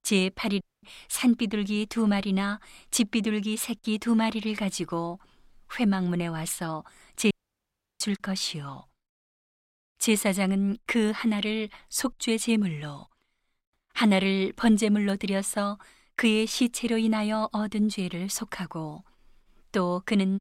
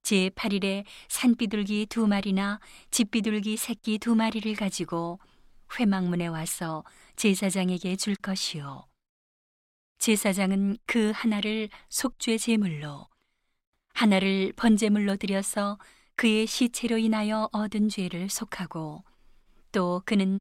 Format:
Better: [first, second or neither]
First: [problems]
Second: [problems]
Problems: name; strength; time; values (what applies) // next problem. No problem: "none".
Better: second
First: audio cutting out; at 0.5 s and at 7.5 s for 0.5 s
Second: none